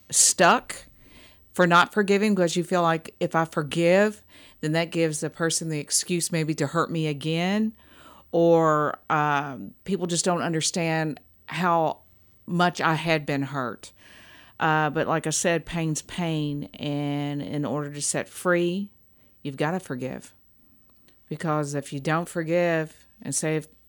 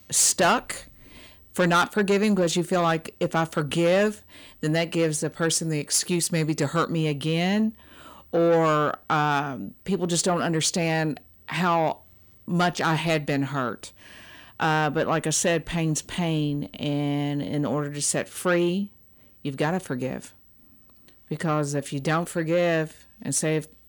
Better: first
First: none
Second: distortion; slight; 10 dB below the speech

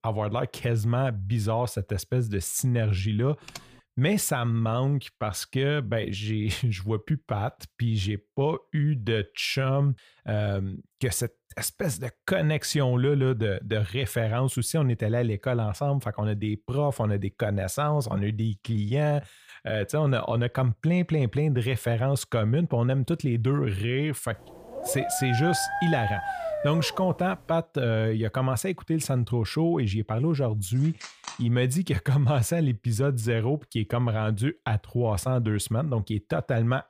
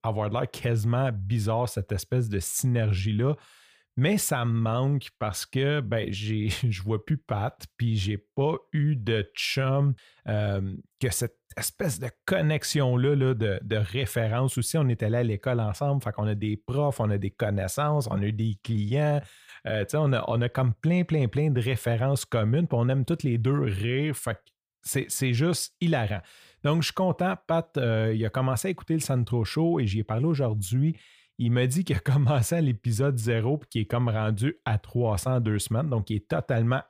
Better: second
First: keyboard typing; faint; at 3.5 s; peak 15 dB below the speech // dog barking; noticeable; from 24 to 27 s; peak 2 dB below the speech // phone ringing; faint; at 31 s; peak 15 dB below the speech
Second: none

